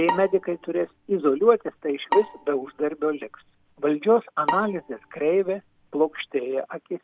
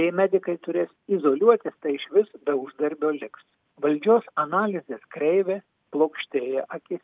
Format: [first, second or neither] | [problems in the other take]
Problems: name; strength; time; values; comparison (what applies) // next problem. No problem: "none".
second | background sound (Bowed string instrument); 10 dB below the speech